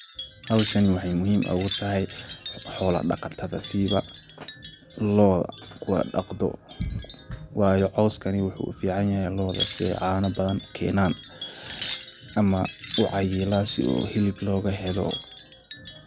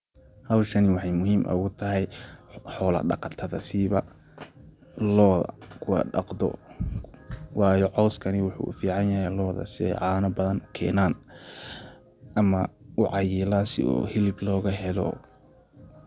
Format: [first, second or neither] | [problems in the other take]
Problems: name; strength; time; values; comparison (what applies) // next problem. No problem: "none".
second | background sound (Wind chime); 14 dB below the speech